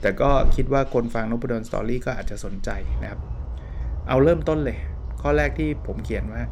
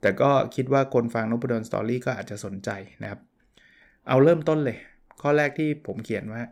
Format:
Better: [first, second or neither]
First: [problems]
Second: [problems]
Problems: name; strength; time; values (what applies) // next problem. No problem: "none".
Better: second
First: animal sounds; loud; throughout; 8 dB below the speech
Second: none